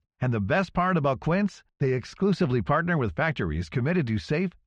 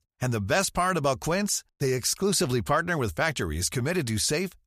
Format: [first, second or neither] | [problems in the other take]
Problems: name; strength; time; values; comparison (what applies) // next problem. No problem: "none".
second | muffled; very; fading above 3 kHz